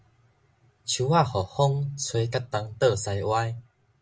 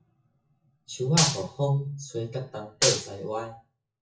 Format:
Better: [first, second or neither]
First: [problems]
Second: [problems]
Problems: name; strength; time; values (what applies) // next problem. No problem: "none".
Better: first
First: none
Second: noise reduction (classical method WPE with log-MMSE)